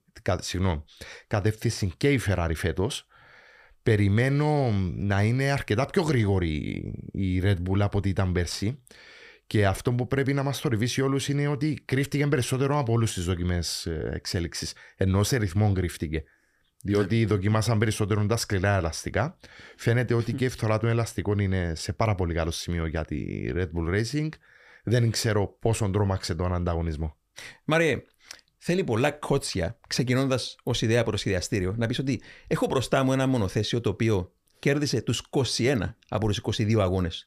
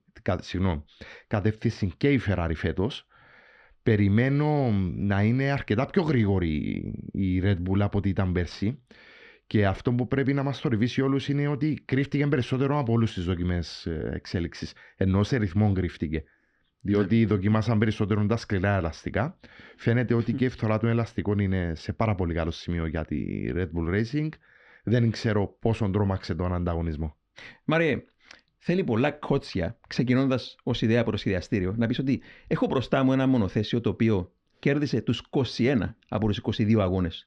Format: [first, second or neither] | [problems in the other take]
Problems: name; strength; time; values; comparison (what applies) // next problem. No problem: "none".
first | muffled; slightly; fading above 4 kHz